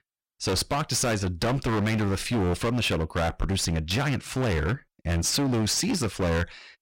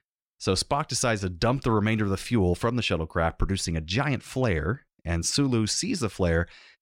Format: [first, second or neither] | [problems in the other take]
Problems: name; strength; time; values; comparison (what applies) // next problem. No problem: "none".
second | distortion; heavy; 27% of the sound clipped